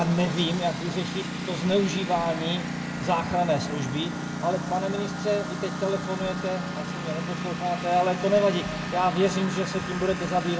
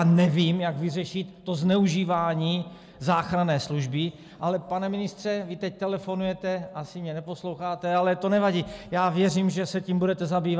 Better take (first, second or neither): second